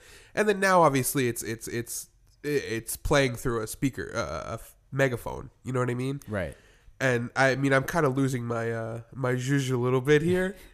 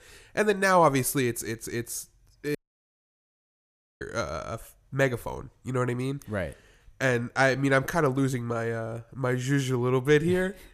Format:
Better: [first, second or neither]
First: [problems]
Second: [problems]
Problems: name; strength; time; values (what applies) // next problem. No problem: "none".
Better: first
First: none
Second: audio cutting out; at 2.5 s for 1.5 s